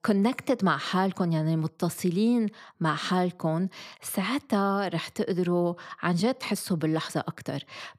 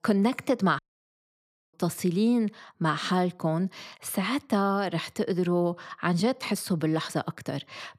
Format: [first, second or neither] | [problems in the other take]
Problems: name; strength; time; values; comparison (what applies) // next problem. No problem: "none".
first | audio cutting out; at 1 s for 1 s